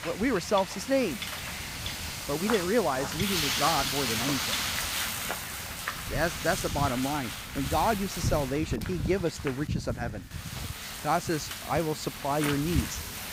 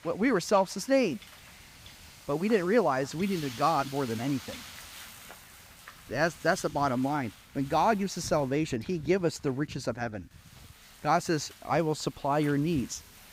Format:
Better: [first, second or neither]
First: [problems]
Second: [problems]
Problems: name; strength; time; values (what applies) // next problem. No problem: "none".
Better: second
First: wind noise on the microphone; heavy; 3 dB below the speech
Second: wind noise on the microphone; occasional gusts; 20 dB below the speech